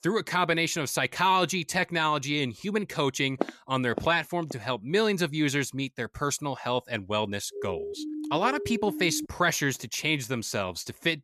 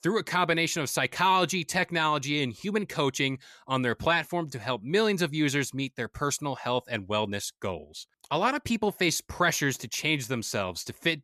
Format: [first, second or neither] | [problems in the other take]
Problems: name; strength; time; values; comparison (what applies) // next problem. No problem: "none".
second | footsteps; noticeable; from 3.5 to 4.5 s; peak 6 dB below the speech // siren; noticeable; from 7.5 to 9.5 s; peak 8 dB below the speech